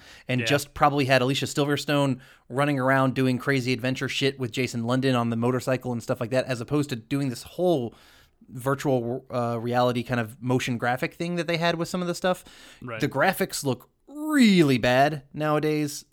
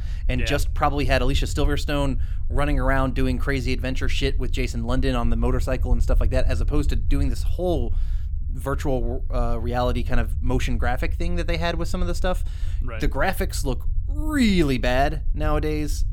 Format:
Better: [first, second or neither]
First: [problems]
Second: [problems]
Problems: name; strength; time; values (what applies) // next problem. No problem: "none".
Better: first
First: none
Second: low rumble; faint; throughout; 20 dB below the speech